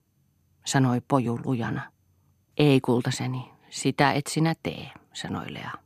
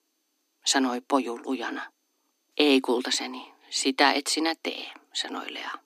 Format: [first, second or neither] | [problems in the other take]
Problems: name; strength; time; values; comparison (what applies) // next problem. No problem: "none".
first | thin; very slightly; fading below 250 Hz